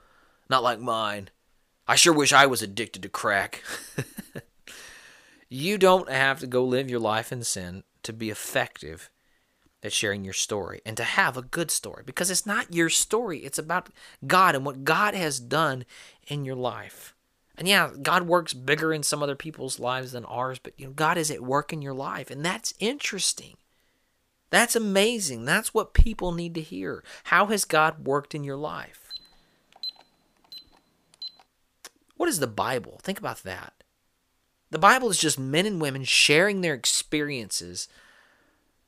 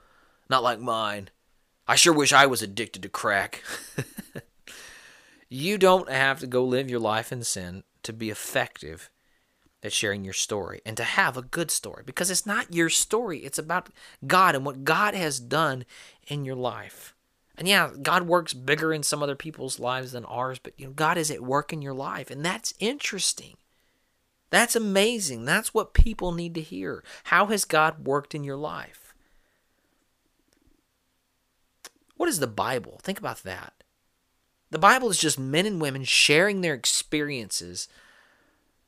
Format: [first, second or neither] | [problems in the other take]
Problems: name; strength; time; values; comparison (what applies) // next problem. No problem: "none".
second | alarm; faint; from 29 to 31 s; peak 10 dB below the speech